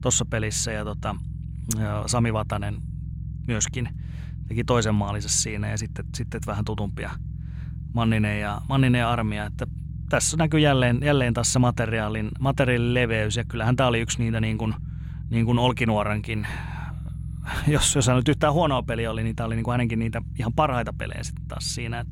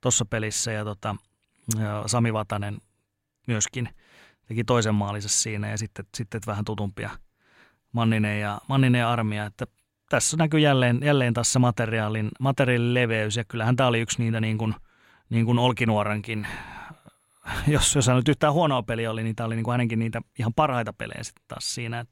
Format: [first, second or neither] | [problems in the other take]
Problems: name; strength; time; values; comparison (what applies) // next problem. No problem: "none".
second | low rumble; faint; throughout; 20 dB below the speech